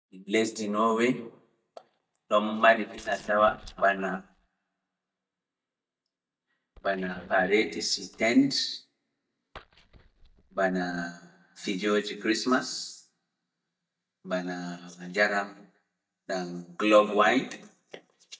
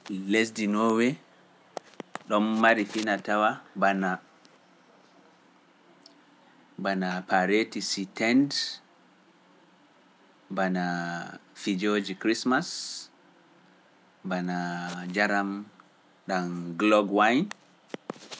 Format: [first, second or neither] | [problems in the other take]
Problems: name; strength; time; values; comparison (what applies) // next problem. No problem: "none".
second | noise reduction (neural mask model DeepFilterNet 3)